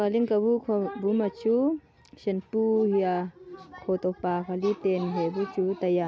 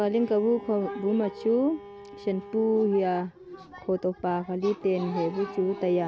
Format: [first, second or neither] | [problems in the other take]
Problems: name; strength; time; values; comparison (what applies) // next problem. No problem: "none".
first | background sound (Bowed string instrument); 17 dB below the speech